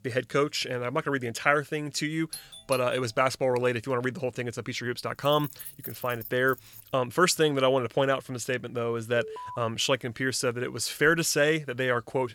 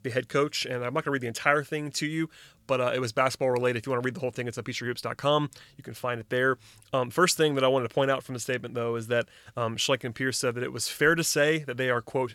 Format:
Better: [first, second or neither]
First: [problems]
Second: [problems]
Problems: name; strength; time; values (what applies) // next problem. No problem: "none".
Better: second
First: doorbell; faint; at 2.5 s; peak 15 dB below the speech // jangling keys; faint; from 5.5 to 7 s; peak 10 dB below the speech // alarm; faint; at 9 s; peak 10 dB below the speech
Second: none